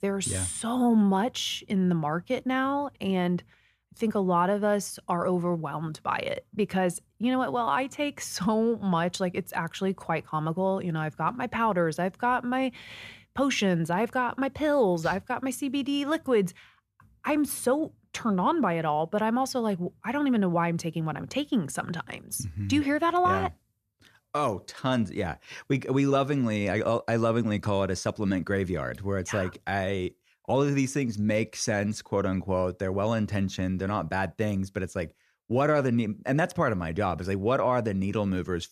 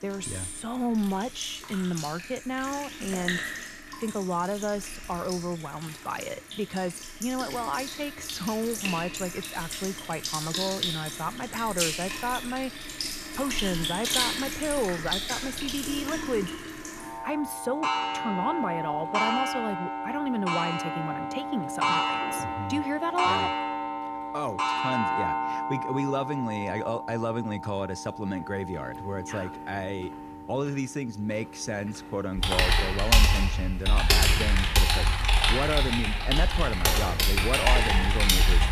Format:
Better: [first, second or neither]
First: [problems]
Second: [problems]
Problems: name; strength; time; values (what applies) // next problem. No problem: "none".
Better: first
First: none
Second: household noises; very loud; throughout; 4 dB above the speech